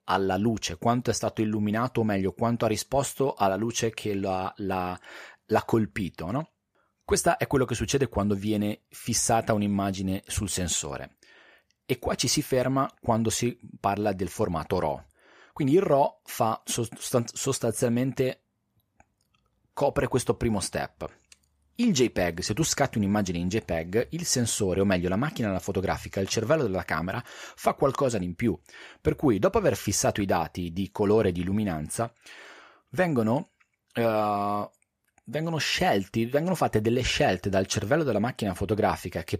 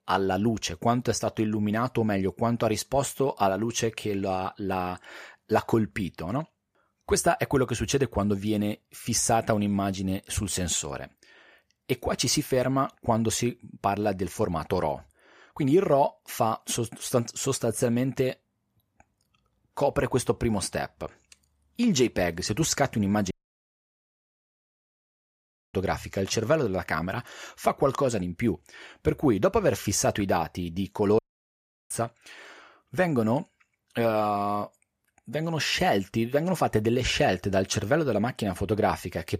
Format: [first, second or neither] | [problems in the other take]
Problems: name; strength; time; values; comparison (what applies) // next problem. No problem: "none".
first | audio cutting out; at 23 s for 2.5 s and at 31 s for 0.5 s